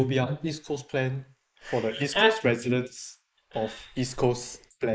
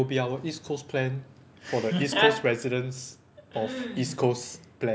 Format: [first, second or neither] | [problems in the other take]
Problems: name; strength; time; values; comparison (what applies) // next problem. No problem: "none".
second | noise reduction (neural mask model Resemble Enhance denoiser)